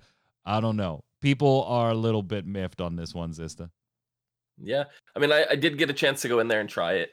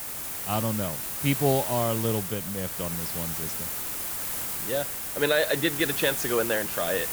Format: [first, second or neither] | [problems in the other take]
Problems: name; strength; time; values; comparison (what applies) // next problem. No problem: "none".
first | hiss; loud; throughout; as loud as the speech